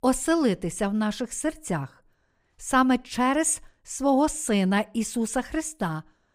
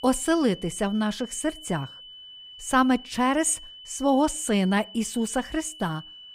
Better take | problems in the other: first | high-pitched whine; noticeable; throughout; 3 kHz, 15 dB below the speech

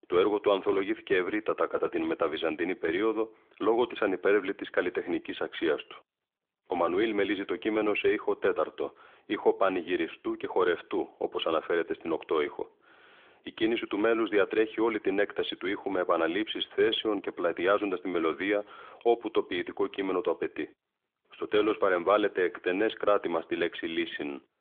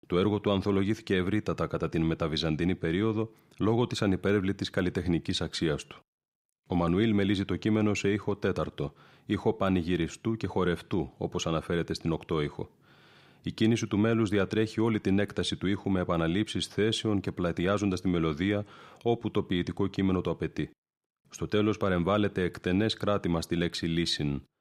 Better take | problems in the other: second | phone-call audio; nothing above 3.5 kHz

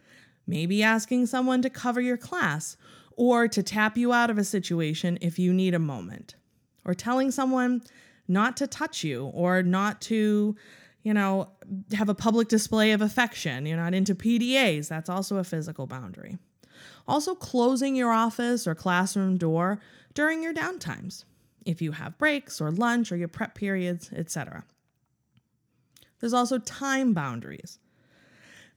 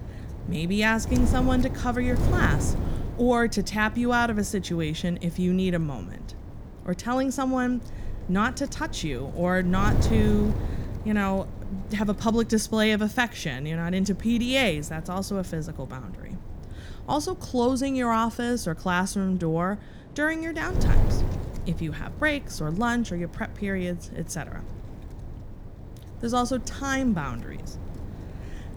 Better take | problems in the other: first | wind noise on the microphone; occasional gusts; 15 dB below the speech

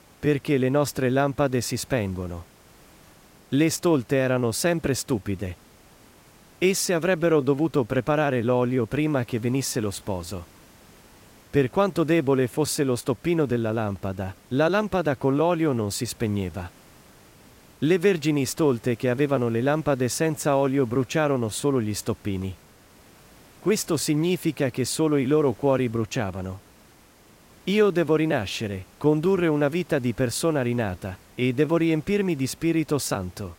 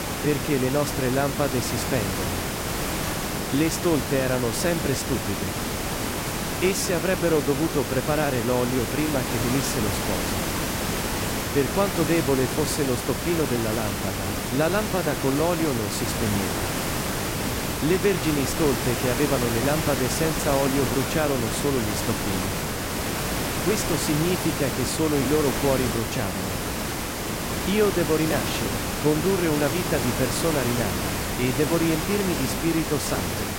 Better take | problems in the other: first | hiss; loud; throughout; 1 dB below the speech; faint in the first

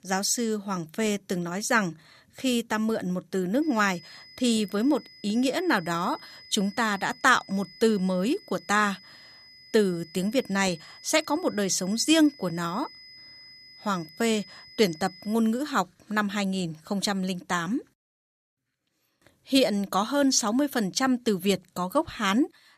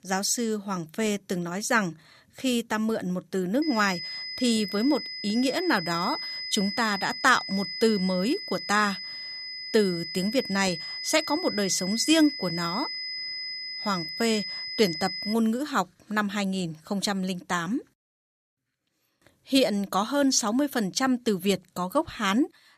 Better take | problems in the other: first | high-pitched whine; loud; from 3.5 to 15 s; 5 kHz, 6 dB below the speech; faint in the first

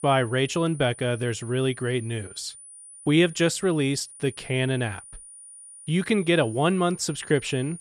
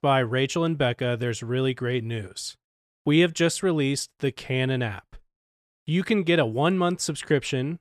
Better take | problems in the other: second | high-pitched whine; noticeable; throughout; 9.5 kHz, 20 dB below the speech

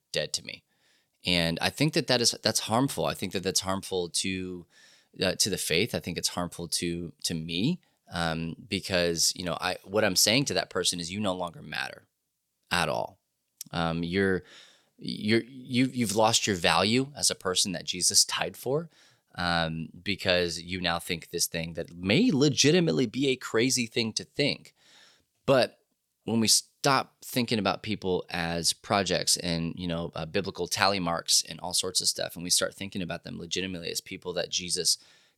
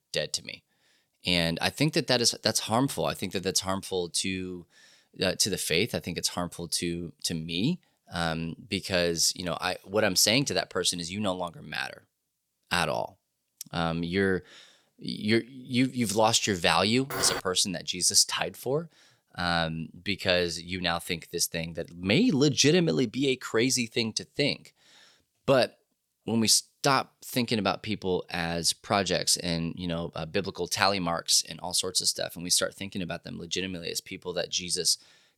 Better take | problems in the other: first | clattering dishes; noticeable; at 17 s; peak 5 dB below the speech

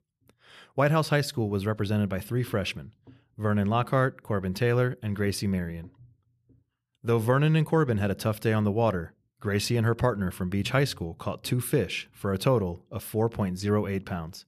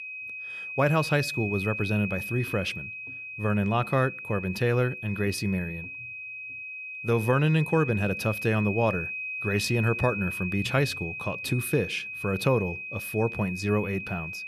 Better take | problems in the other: first | high-pitched whine; loud; throughout; 2.5 kHz, 6 dB below the speech

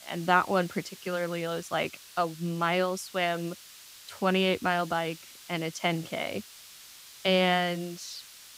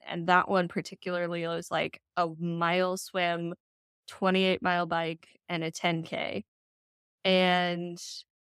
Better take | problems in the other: second | hiss; noticeable; throughout; 20 dB below the speech

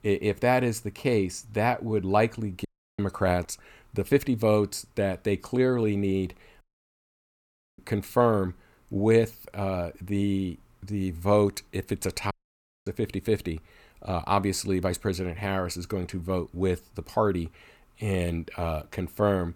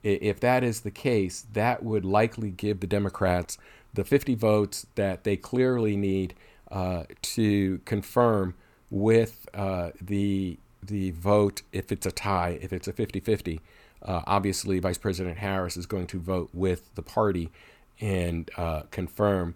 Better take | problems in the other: second | audio cutting out; at 2.5 s, at 6.5 s for 1 s and at 12 s for 0.5 s

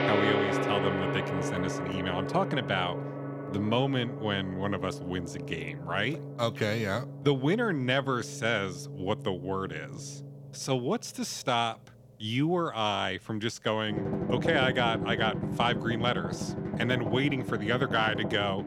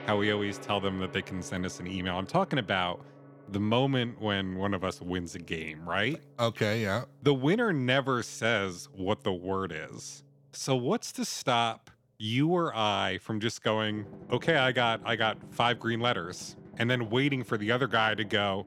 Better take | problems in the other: second | background music; loud; throughout; 4 dB below the speech; faint in the second

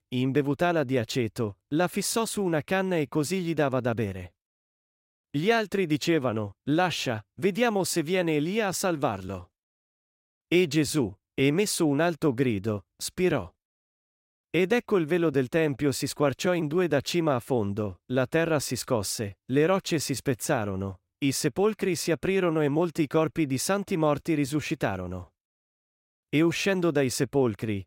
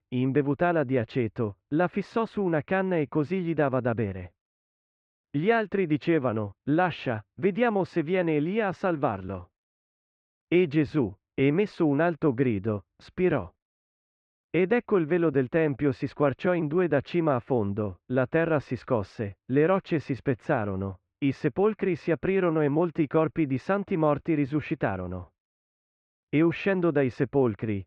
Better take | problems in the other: first | muffled; very; fading above 2.5 kHz

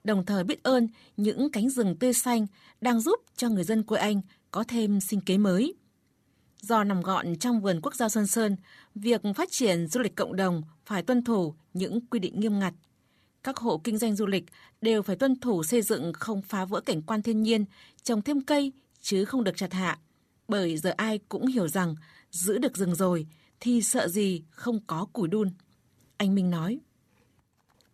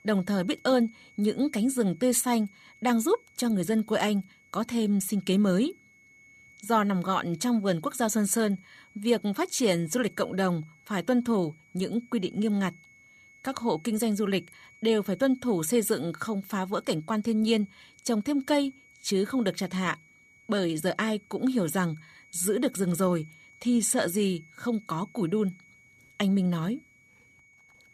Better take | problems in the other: first | high-pitched whine; faint; throughout; 2 kHz, 30 dB below the speech

